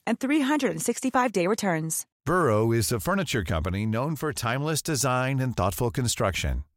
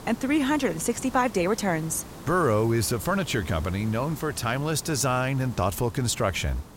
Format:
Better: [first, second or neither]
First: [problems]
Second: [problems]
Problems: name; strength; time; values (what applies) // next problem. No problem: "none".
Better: first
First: none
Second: hiss; noticeable; throughout; 15 dB below the speech